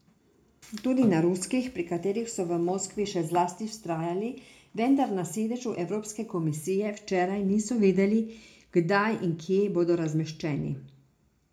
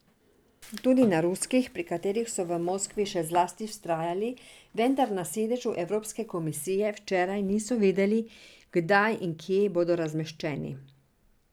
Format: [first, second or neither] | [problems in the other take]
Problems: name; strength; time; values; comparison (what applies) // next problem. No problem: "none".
second | room echo; dies away in 0.3 s